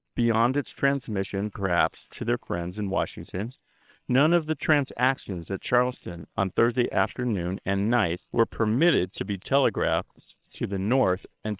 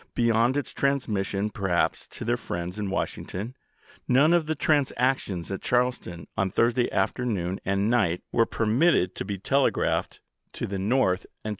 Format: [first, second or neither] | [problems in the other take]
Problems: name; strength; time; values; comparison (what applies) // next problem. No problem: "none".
second | noise reduction (neural separator model SepFormer WHAM!)